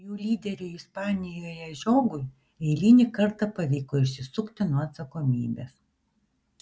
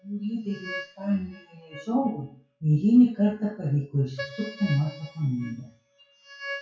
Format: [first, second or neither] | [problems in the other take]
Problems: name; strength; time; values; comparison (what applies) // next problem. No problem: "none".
first | noise reduction (classical method WPE with log-MMSE)